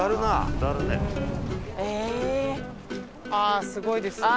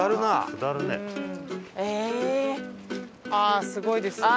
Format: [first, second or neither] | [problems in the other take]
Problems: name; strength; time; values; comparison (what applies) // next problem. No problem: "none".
second | background sound (Subway, metro, underground); 5 dB below the speech